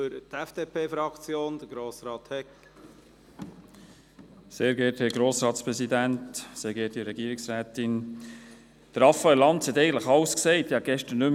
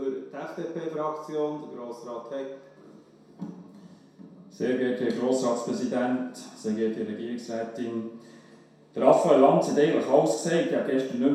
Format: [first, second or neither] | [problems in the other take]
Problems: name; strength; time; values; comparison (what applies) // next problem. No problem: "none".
first | room echo; dies away in 0.7 s